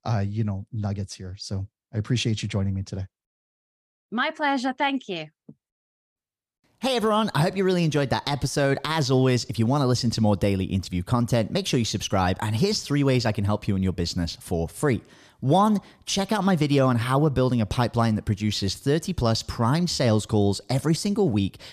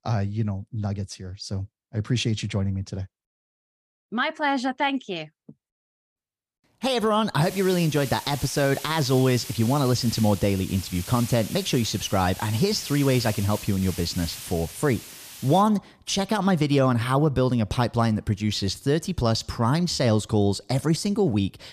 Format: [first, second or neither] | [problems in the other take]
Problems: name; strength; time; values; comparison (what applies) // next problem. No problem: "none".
first | hiss; noticeable; from 7.5 to 16 s; 15 dB below the speech